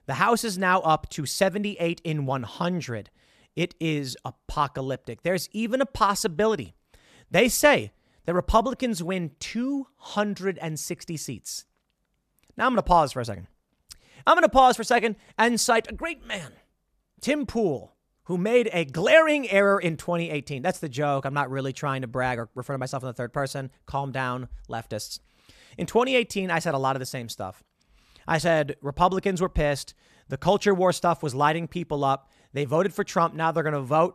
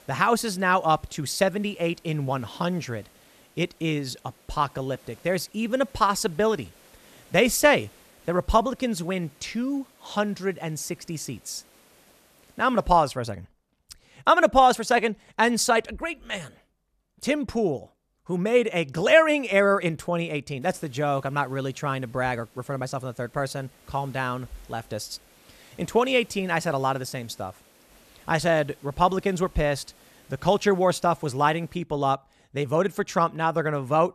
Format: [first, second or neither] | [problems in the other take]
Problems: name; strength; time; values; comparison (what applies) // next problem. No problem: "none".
first | hiss; faint; until 13 s and from 21 to 32 s; 30 dB below the speech